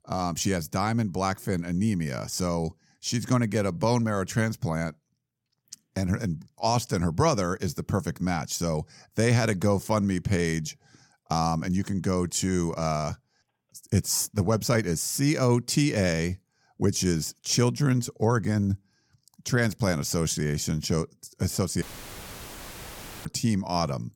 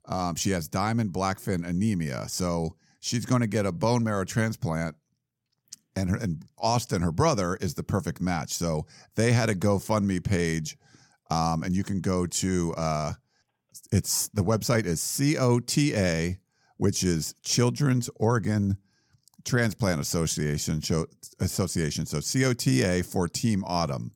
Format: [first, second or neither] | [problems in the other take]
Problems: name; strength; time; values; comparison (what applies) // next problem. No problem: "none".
second | audio cutting out; filled with static; at 22 s for 1.5 s